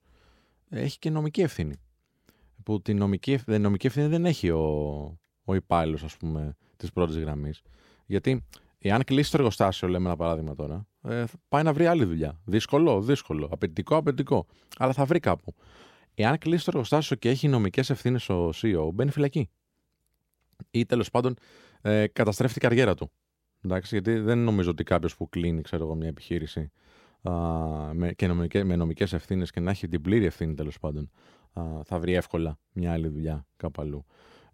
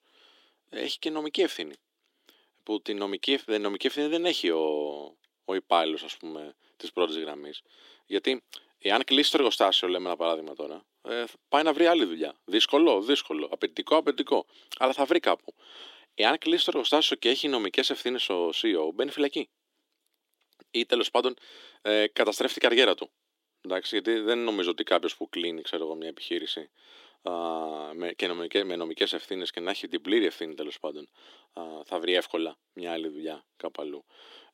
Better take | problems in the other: first | thin; somewhat; fading below 300 Hz

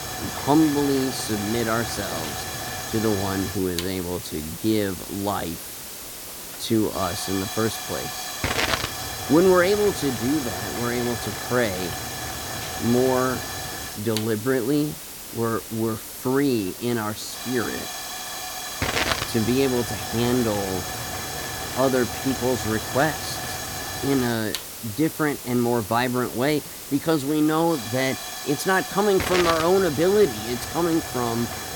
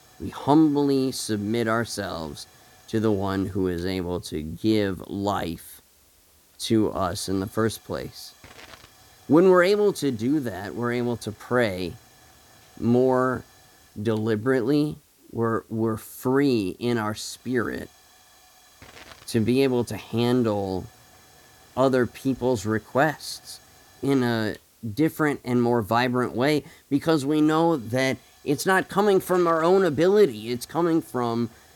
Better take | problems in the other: second | hiss; loud; throughout; 5 dB below the speech; faint in the second

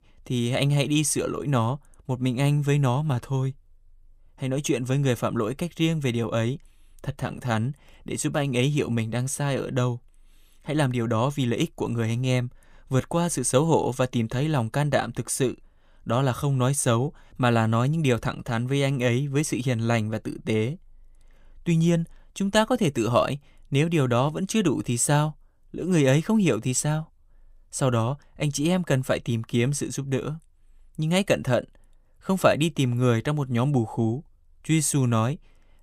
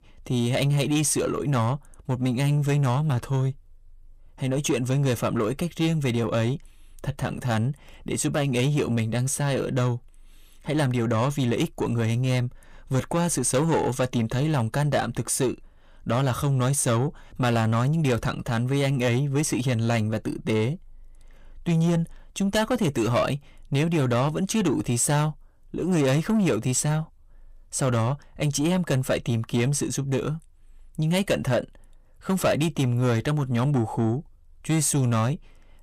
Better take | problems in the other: first | distortion; slight; 10 dB below the speech

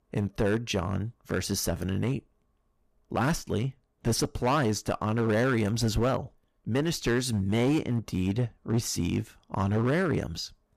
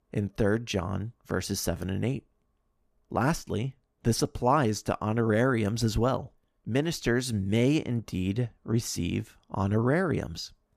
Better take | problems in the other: second | distortion; slight; 6% of the sound clipped

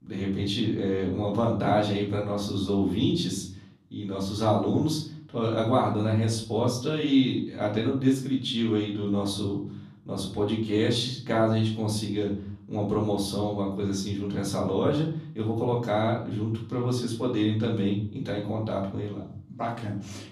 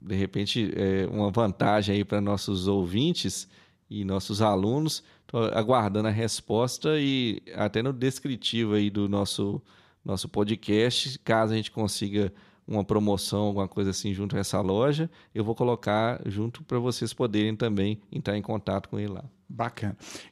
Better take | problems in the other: second | off-mic speech; far // room echo; slight; dies away in 0.5 s

